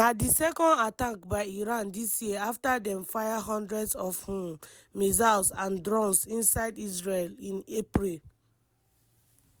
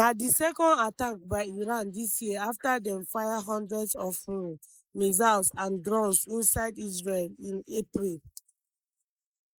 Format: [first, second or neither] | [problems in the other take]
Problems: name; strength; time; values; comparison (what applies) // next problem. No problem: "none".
first | noise reduction (neural mask model Resemble Enhance denoiser)